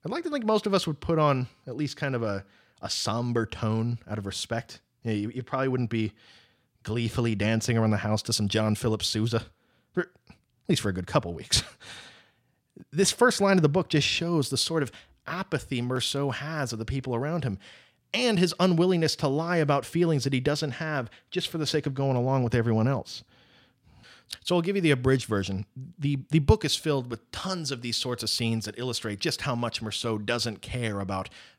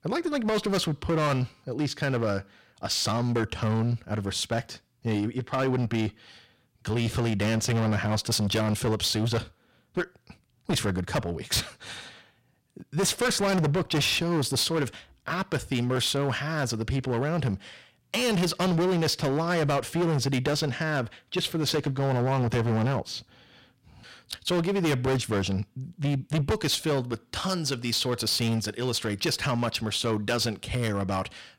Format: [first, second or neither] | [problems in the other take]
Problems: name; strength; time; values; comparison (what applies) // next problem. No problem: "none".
first | distortion; heavy; 15% of the sound clipped